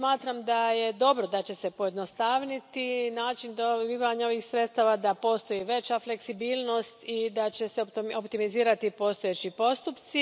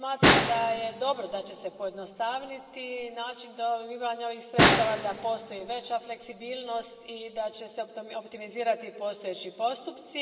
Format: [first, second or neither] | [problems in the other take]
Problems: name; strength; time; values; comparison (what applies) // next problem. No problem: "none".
first | background sound (Snare drum); 3 dB above the speech // room echo; dies away in 2.4 s